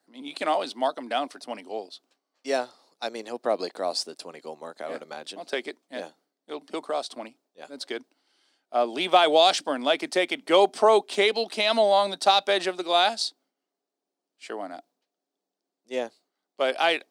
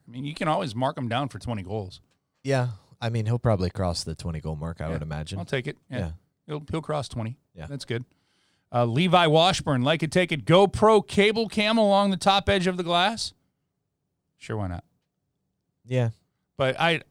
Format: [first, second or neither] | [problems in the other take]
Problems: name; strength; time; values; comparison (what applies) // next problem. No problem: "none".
second | thin; very; fading below 250 Hz